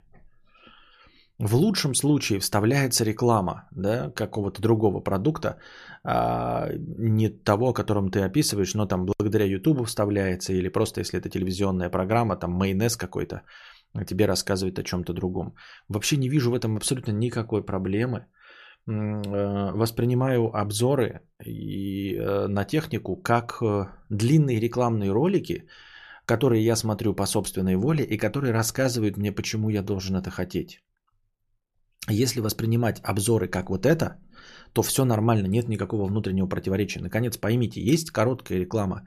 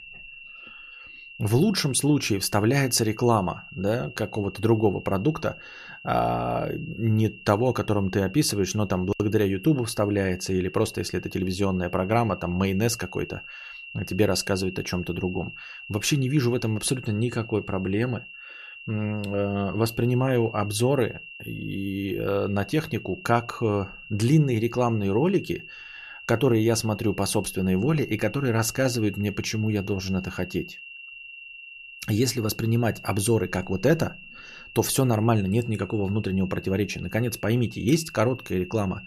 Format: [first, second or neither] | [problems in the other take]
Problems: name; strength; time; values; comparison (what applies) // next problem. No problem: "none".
first | high-pitched whine; noticeable; throughout; 2.5 kHz, 15 dB below the speech